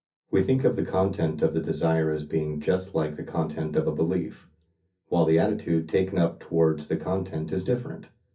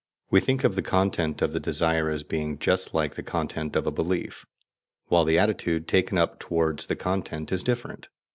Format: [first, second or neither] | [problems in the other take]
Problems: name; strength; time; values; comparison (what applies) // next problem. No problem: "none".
second | room echo; dies away in 0.3 s